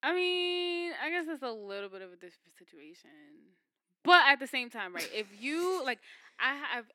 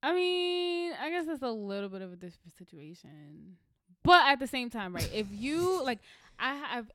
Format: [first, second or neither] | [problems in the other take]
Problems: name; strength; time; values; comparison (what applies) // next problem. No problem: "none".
second | thin; very slightly; fading below 300 Hz